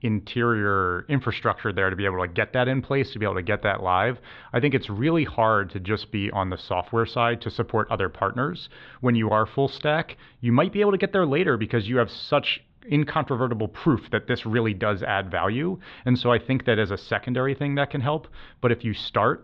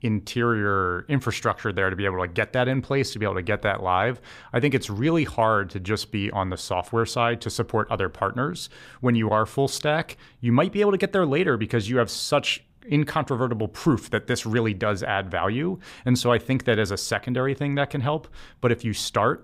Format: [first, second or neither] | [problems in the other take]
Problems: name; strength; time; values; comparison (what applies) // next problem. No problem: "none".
second | muffled; slightly; fading above 4 kHz